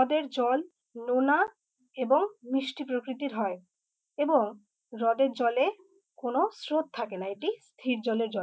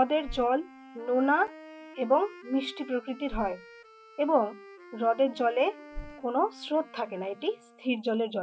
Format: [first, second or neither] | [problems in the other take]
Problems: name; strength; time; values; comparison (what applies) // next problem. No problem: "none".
first | background sound (Bird + Wind instrument, woodwind instrument); 17 dB below the speech